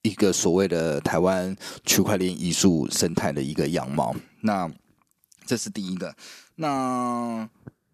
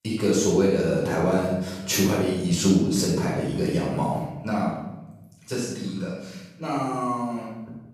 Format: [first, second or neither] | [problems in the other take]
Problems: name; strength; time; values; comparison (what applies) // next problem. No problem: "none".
first | off-mic speech; far // room echo; noticeable; dies away in 1.1 s